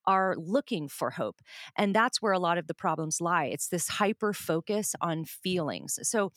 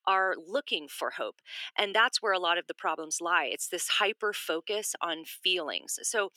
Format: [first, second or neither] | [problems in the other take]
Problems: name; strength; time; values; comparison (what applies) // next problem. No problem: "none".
first | thin; very; fading below 350 Hz